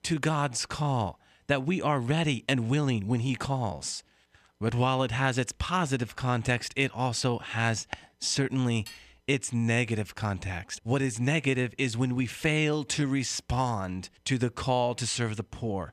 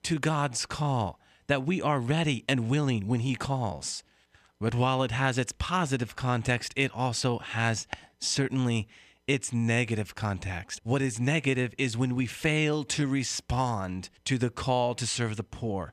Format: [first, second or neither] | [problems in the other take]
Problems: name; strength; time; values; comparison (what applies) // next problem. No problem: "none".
second | clattering dishes; faint; at 9 s; peak 15 dB below the speech